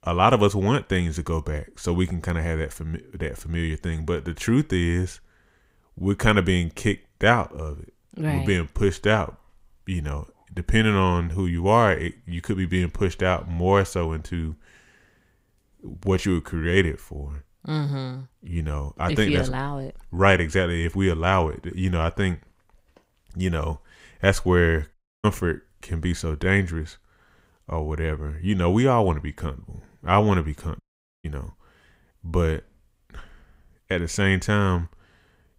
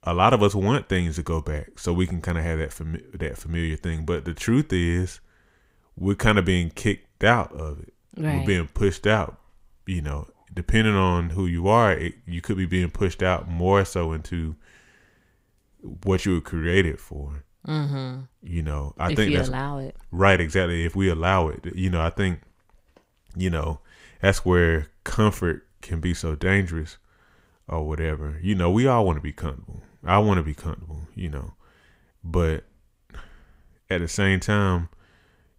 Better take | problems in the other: second | audio cutting out; at 25 s and at 31 s

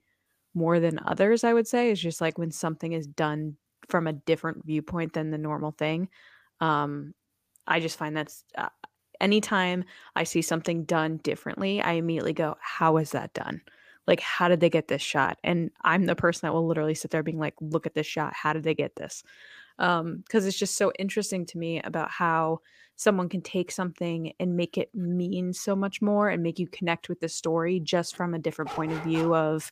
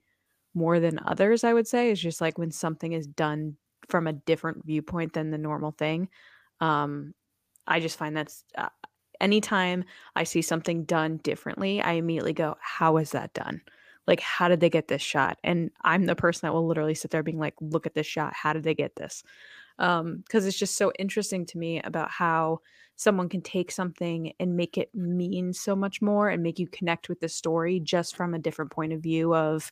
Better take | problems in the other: second | dog barking; noticeable; at 29 s; peak 10 dB below the speech

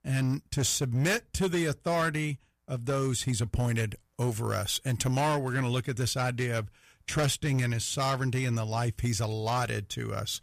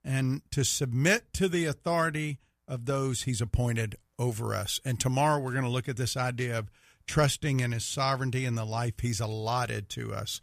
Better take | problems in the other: second | distortion; slight; 8% of the sound clipped

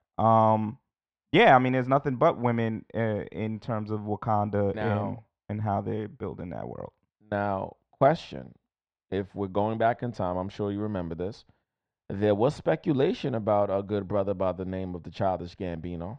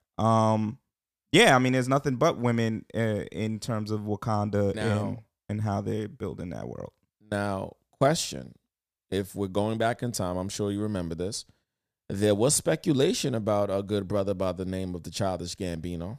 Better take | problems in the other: second | muffled; very; fading above 3 kHz

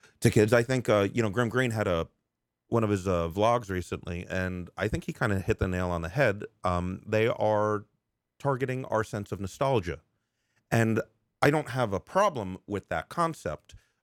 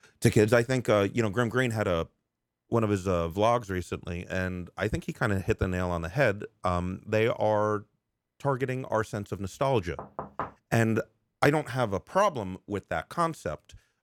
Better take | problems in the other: first | door banging; noticeable; at 10 s; peak 9 dB below the speech

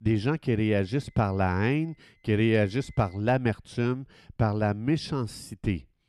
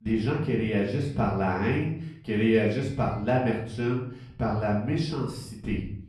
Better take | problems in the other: first | off-mic speech; far // room echo; noticeable; dies away in 0.5 s

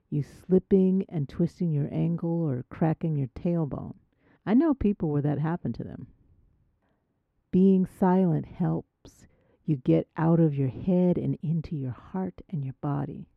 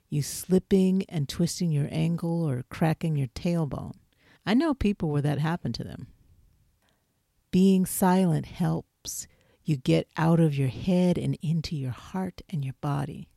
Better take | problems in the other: second | muffled; very; fading above 3 kHz

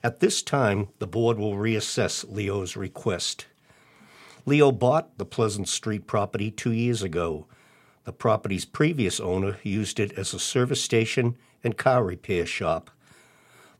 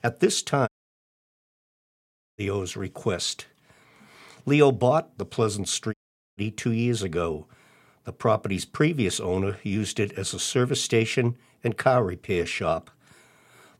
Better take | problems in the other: first | audio cutting out; at 0.5 s for 1.5 s and at 6 s

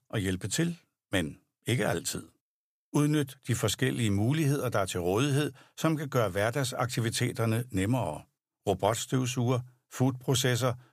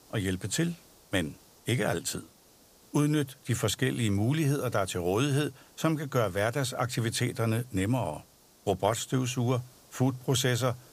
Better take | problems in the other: first | hiss; faint; throughout; 25 dB below the speech

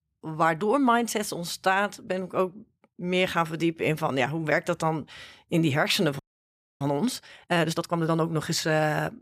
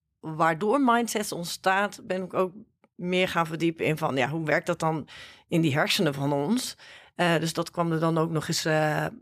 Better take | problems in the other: second | audio freezing; at 6 s for 0.5 s

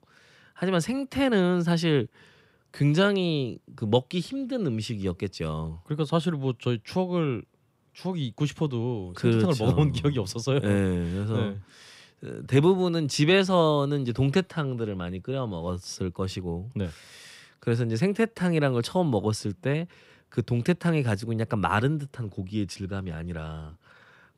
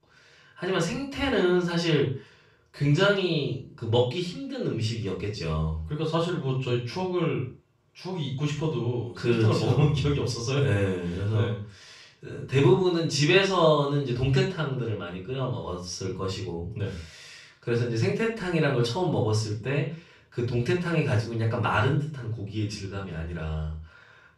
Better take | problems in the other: first | room echo; noticeable; dies away in 0.3 s // off-mic speech; far

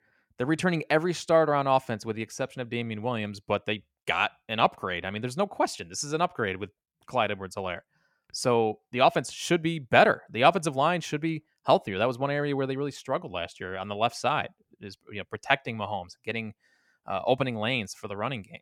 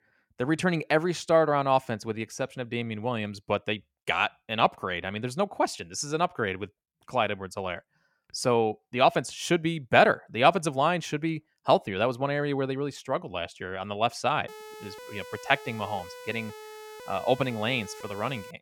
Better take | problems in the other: first | siren; faint; from 14 s on; peak 15 dB below the speech

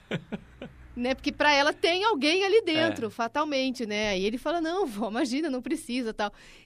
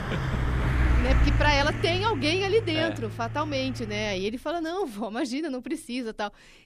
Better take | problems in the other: first | traffic noise; loud; until 5 s; 1 dB below the speech; faint in the first

